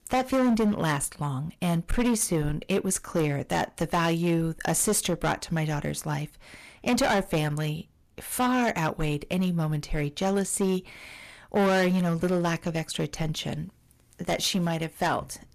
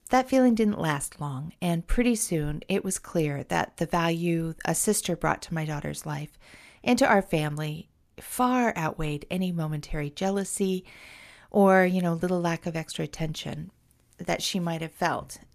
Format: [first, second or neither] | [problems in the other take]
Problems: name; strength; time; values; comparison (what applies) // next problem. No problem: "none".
second | distortion; heavy; 9% of the sound clipped